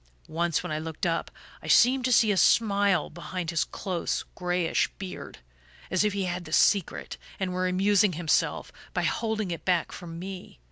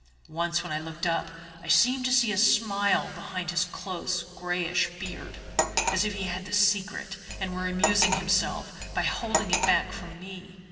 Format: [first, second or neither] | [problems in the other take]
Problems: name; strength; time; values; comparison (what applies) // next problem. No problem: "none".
first | background sound (Cutlery, silverware); 1 dB below the speech // room echo; dies away in 2.7 s